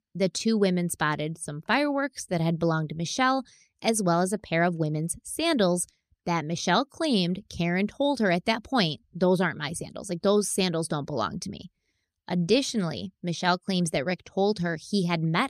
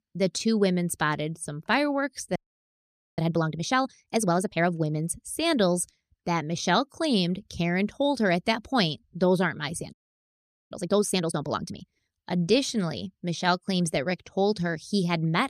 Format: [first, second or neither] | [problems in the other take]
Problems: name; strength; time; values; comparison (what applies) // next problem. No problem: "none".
first | audio freezing; at 2.5 s for 1 s and at 10 s for 1 s